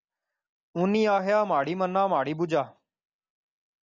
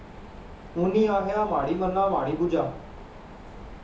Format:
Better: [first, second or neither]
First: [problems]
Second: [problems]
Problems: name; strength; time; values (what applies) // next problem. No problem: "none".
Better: first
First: none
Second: background sound (Mechanisms); 15 dB below the speech // room echo; dies away in 0.6 s